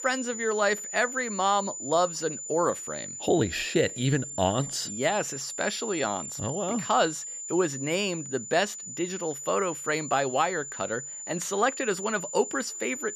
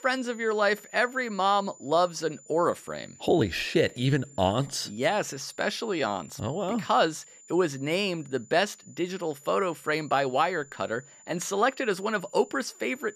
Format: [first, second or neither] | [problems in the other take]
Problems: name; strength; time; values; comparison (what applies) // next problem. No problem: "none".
second | high-pitched whine; loud; throughout; 7 kHz, 7 dB below the speech; faint in the second